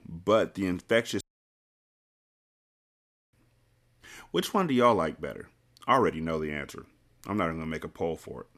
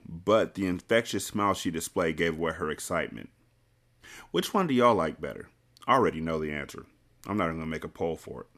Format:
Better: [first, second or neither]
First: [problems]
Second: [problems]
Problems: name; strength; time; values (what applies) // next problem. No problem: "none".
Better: second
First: audio cutting out; at 1 s for 2 s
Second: none